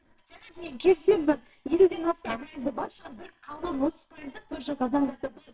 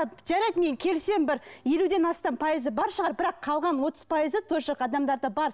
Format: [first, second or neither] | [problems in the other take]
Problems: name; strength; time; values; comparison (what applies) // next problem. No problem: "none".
second | noise reduction (neural separator model SepFormer WHAMR!)